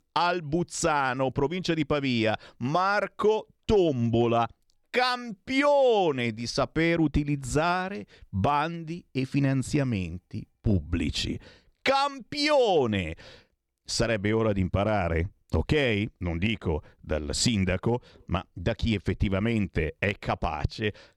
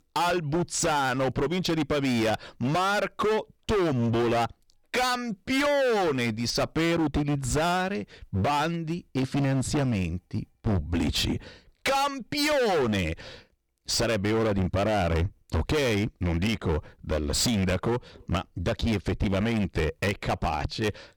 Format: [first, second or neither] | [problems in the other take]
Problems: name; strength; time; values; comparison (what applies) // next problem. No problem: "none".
first | distortion; heavy; 23% of the sound clipped